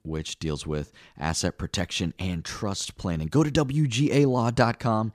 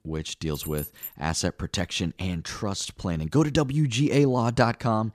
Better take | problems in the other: first | jangling keys; faint; at 0.5 s; peak 10 dB below the speech

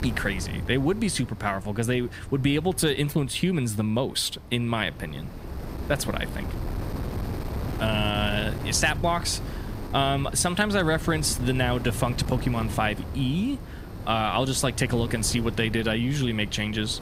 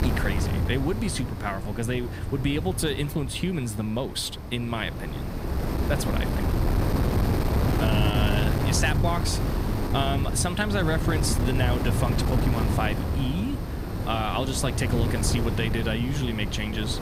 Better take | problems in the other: first | wind noise on the microphone; heavy; 4 dB below the speech; occasional gusts in the first

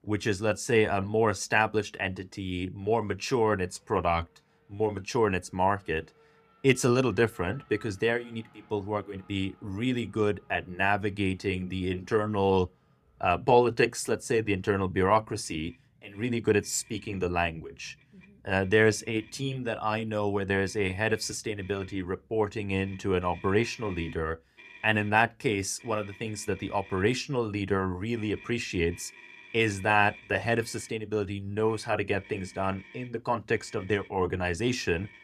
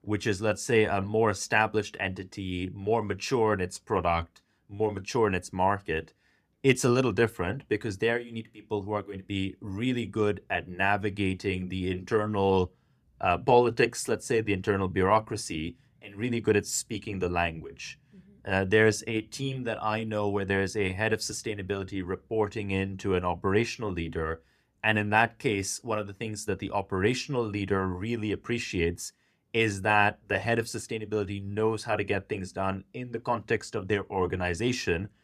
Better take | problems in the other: second | traffic noise; faint; throughout; 25 dB below the speech

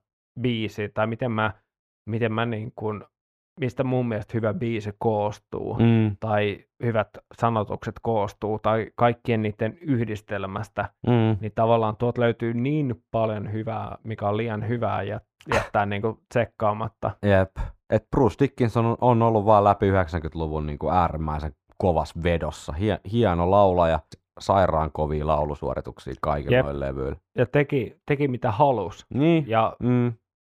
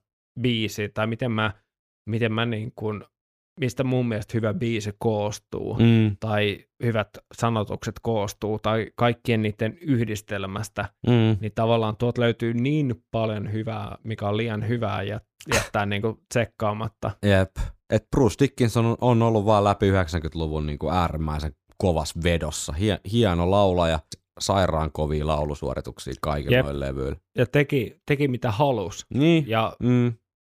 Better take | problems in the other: second | muffled; slightly; fading above 3.5 kHz

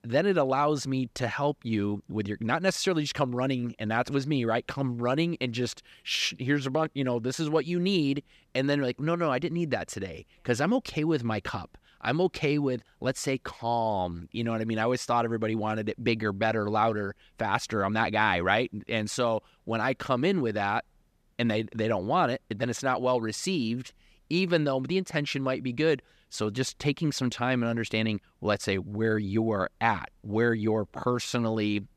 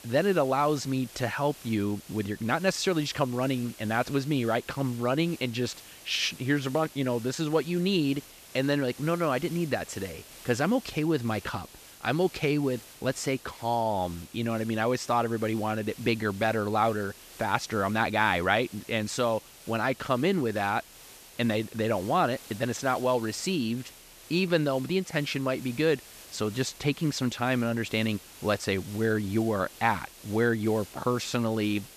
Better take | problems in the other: first | hiss; noticeable; throughout; 20 dB below the speech

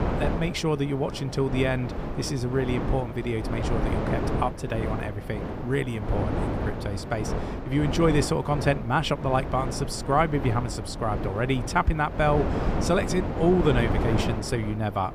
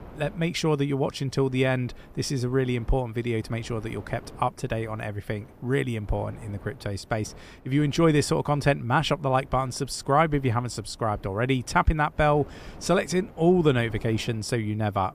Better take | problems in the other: second | wind noise on the microphone; heavy; 6 dB below the speech; occasional gusts in the second

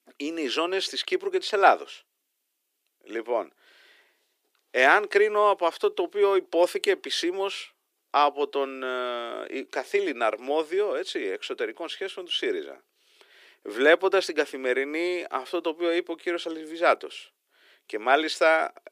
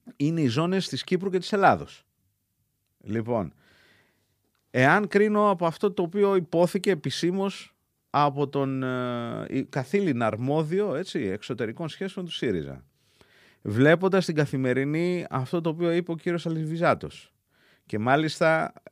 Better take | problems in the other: second | thin; very; fading below 350 Hz

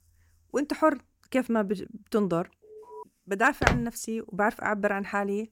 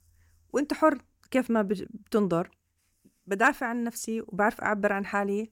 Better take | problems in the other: second | alarm; faint; at 2.5 s; peak 15 dB below the speech // footsteps; loud; at 3.5 s; peak 2 dB above the speech

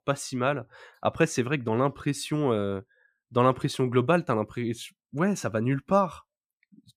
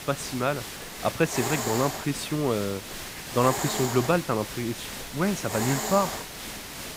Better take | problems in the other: first | hiss; loud; throughout; 5 dB below the speech

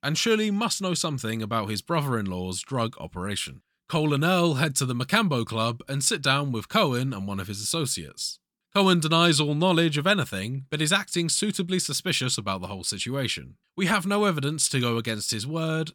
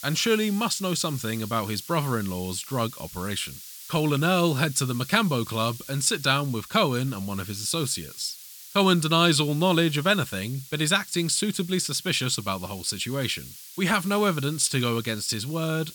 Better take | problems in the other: first | hiss; noticeable; throughout; 15 dB below the speech

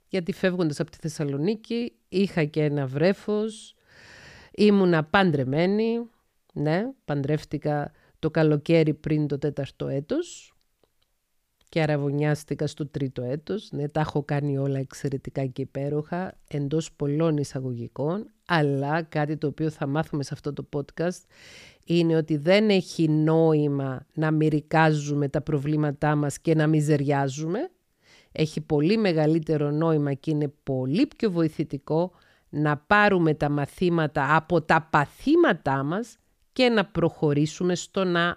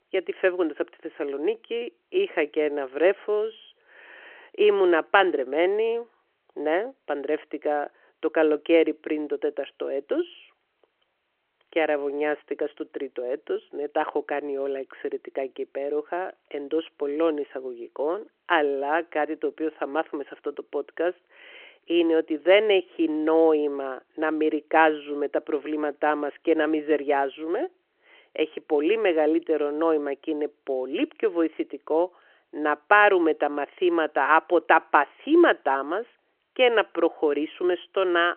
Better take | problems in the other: first | phone-call audio

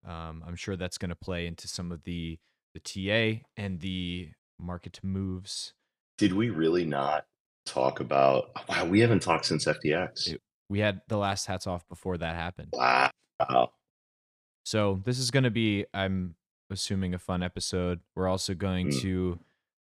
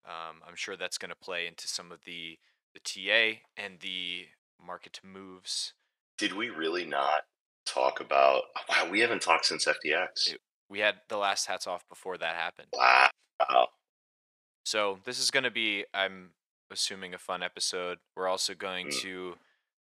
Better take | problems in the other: first | thin; very; fading below 600 Hz

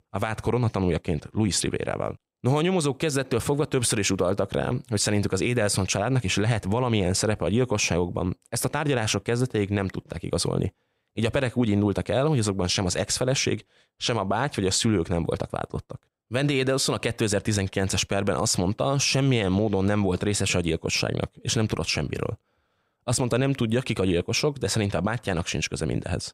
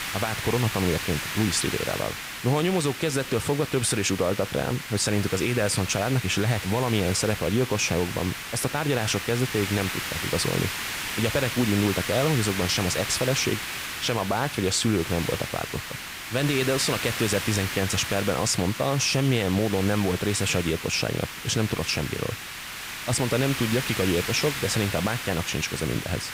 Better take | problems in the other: first | hiss; loud; throughout; 6 dB below the speech

